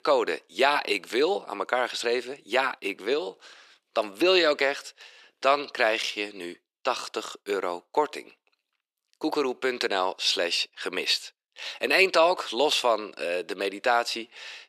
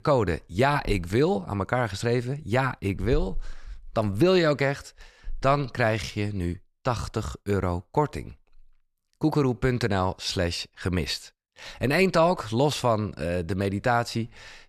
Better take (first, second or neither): second